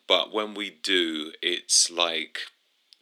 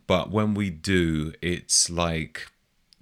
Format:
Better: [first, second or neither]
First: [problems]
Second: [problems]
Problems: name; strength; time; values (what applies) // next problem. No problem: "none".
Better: second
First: thin; somewhat; fading below 300 Hz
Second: none